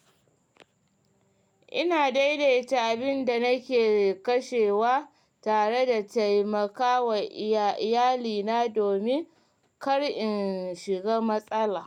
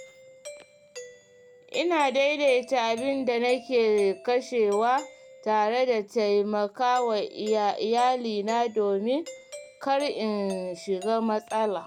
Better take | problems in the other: first | background sound (Doorbell); 19 dB below the speech

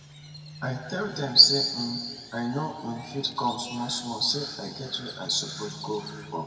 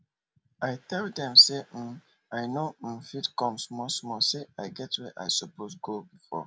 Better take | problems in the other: second | background sound (Crow); 17 dB below the speech // room echo; dies away in 2.1 s

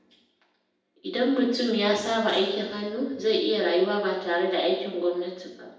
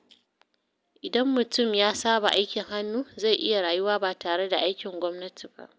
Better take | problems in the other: second | room echo; dies away in 0.8 s

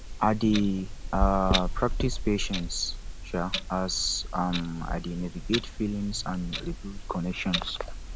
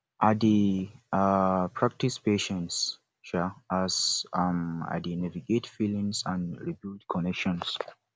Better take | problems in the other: second | background sound (Clock); 3 dB below the speech

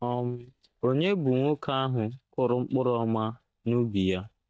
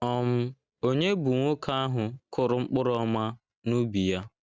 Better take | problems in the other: second | noise reduction (neural mask model DeepFilterNet 3)

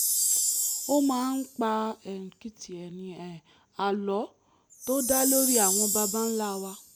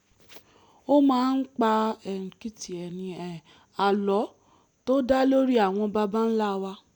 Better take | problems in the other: second | background sound (Chime); 1 dB below the speech

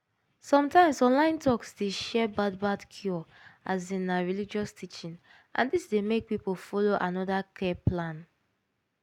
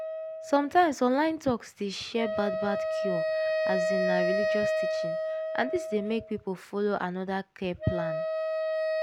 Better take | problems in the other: first | background sound (Wind instrument, woodwind instrument); as loud as the speech

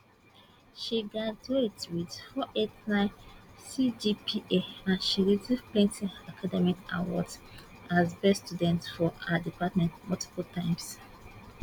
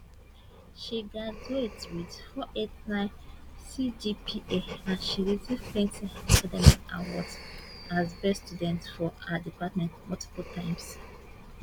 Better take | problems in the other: first | background sound (Dog); 1 dB above the speech

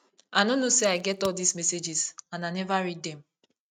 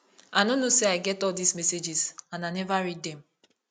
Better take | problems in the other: second | noise reduction (neural mask model RNNoise)

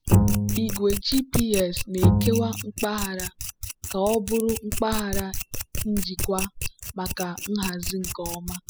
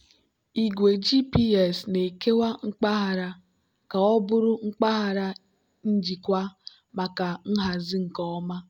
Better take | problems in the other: second | noise reduction (classical method spectral subtraction)

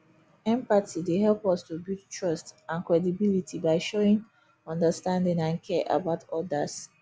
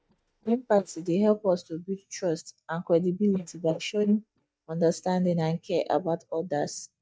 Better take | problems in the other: first | noise reduction (neural mask model DeepFilterNet 3)

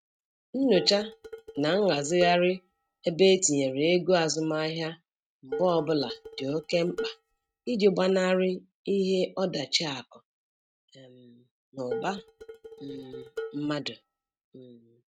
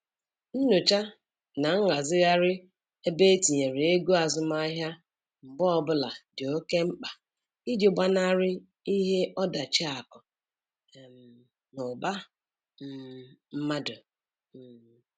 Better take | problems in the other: second | noise reduction (neural mask model RNNoise)

